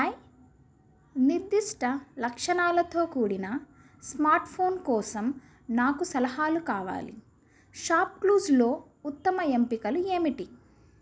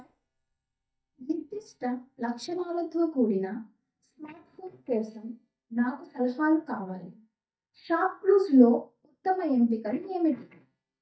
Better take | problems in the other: first | noise reduction (neural mask model DeepFilterNet 3)

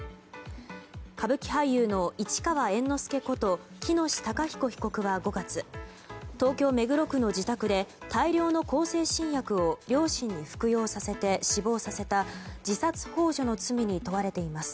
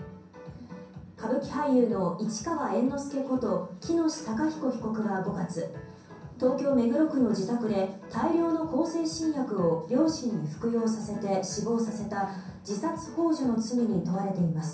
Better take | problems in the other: first | room echo; dies away in 0.6 s

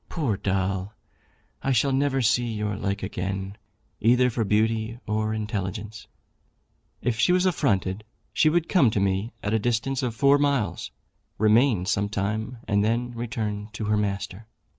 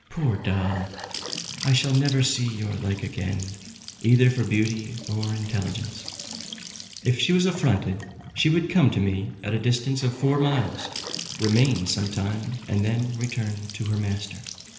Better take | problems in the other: first | background sound (Trickle, dribble / Bathtub (filling or washing) / Sink (filling or washing) / Gurgling / Splash, splatter); 14 dB below the speech // room echo; dies away in 1.4 s

